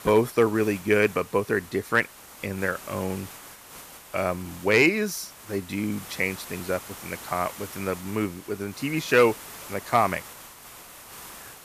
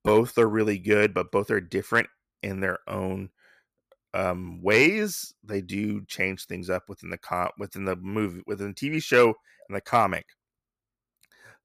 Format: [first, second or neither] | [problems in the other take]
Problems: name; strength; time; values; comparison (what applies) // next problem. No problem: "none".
second | hiss; noticeable; throughout; 15 dB below the speech